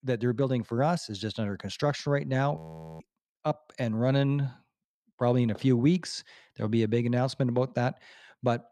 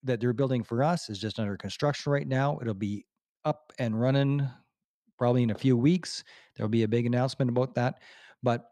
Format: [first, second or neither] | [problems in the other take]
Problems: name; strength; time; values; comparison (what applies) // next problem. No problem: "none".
second | audio freezing; at 2.5 s